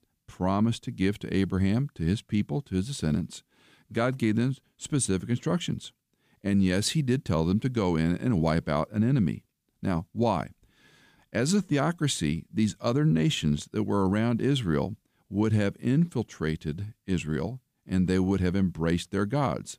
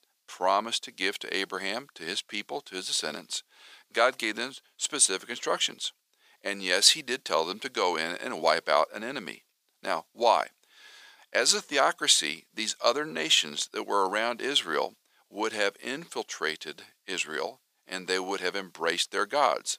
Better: first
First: none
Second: thin; very; fading below 550 Hz

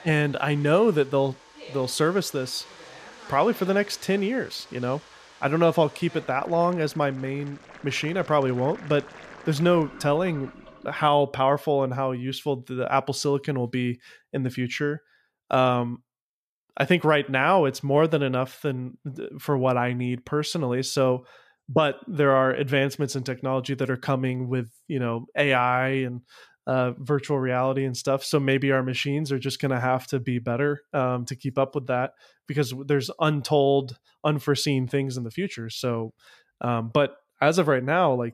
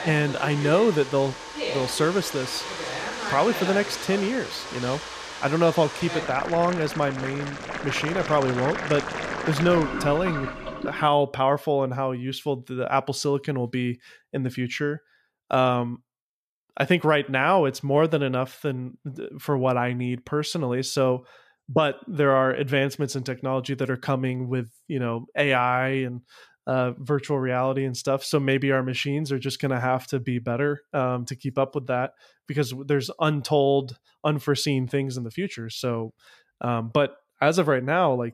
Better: first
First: household noises; faint; until 11 s; 20 dB below the speech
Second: household noises; loud; until 11 s; 7 dB below the speech

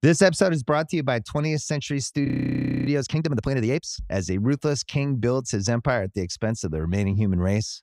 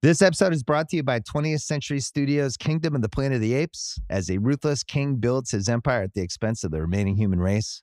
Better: second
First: audio freezing; at 2.5 s for 0.5 s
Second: none

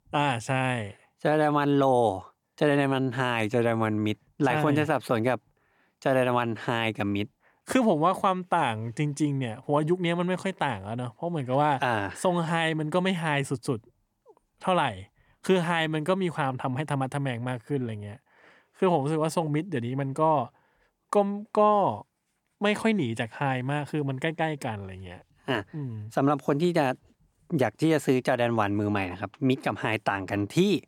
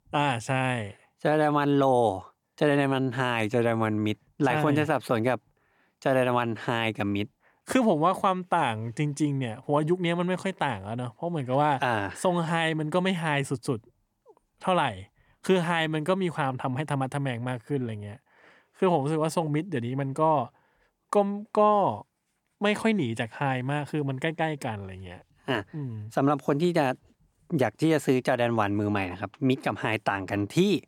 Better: neither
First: none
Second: none

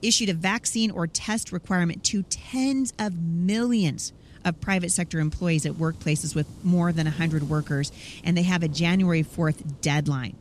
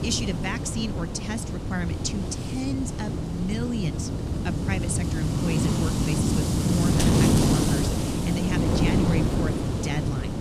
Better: first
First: wind noise on the microphone; occasional gusts; 25 dB below the speech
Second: wind noise on the microphone; heavy; 3 dB above the speech

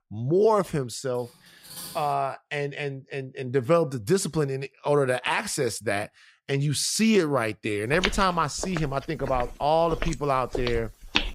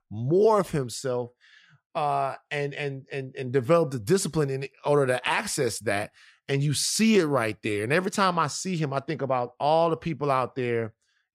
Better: second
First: clattering dishes; faint; at 1 s; peak 10 dB below the speech // footsteps; noticeable; from 8 s on; peak 1 dB below the speech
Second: none

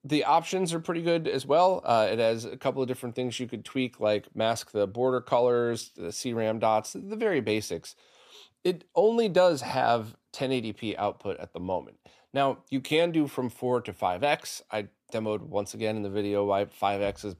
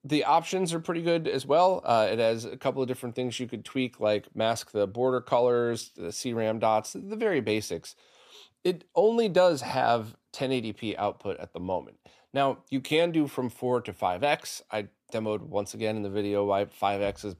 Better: neither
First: none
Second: none

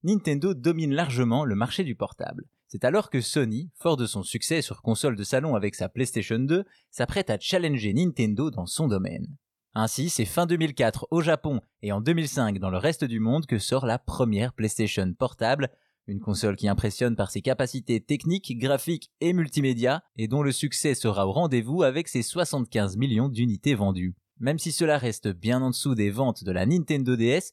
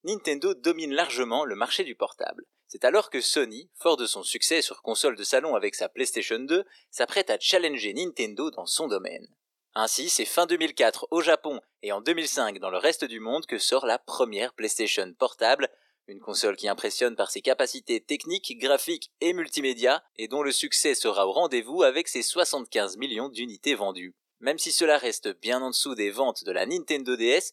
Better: first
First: none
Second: thin; very; fading below 350 Hz

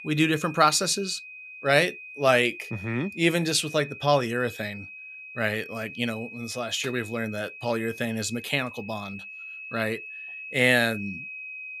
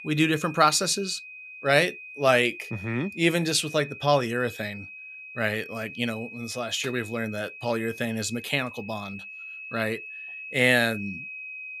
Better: neither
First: high-pitched whine; noticeable; throughout; 2.5 kHz, 15 dB below the speech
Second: high-pitched whine; noticeable; throughout; 2.5 kHz, 15 dB below the speech

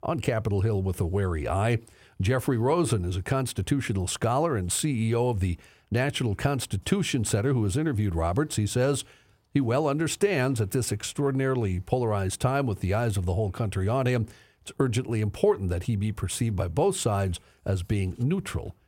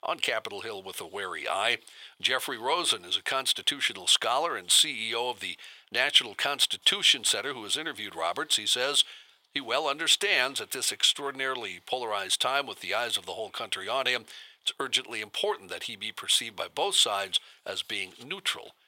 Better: first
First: none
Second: thin; very; fading below 800 Hz

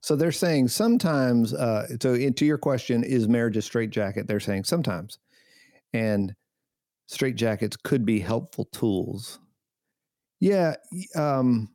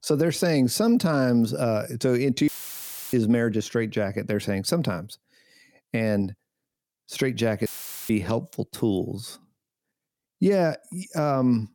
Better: first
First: none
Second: audio cutting out; filled with static; at 2.5 s for 0.5 s and at 7.5 s

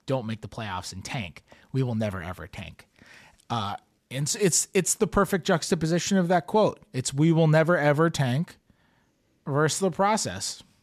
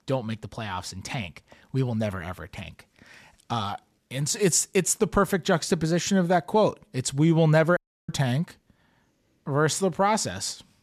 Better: first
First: none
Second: audio cutting out; at 8 s

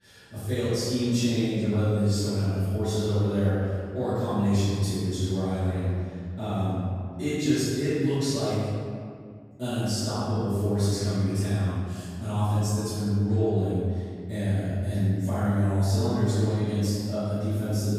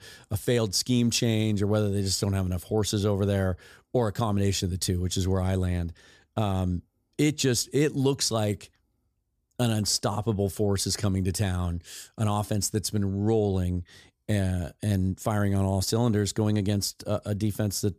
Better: second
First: off-mic speech; far // room echo; strong; dies away in 2.1 s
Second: none

